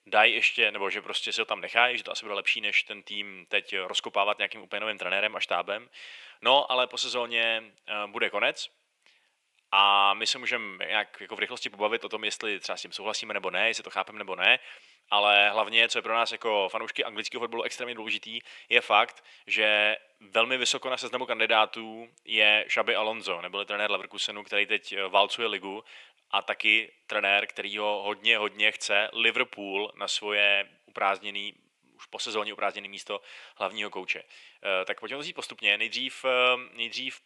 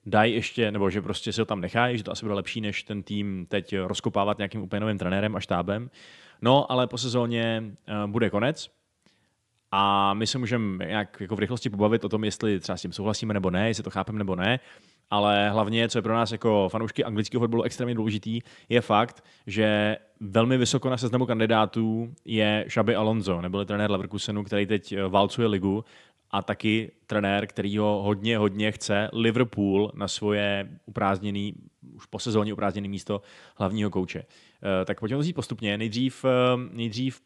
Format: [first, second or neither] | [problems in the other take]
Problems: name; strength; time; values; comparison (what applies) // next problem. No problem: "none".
second | thin; very; fading below 700 Hz